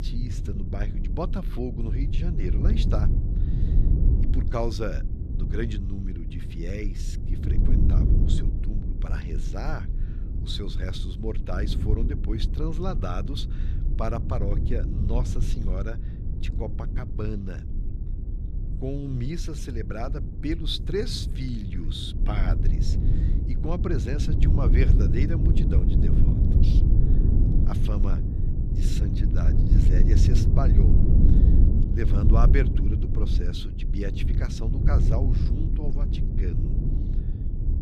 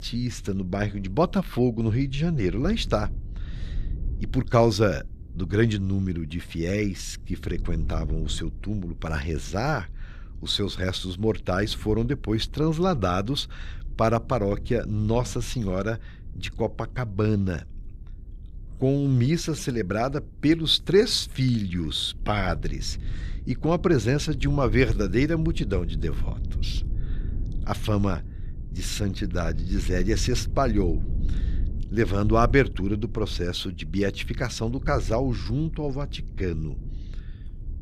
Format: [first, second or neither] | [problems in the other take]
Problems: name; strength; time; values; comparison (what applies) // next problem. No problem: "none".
second | low rumble; loud; throughout; 3 dB below the speech; faint in the second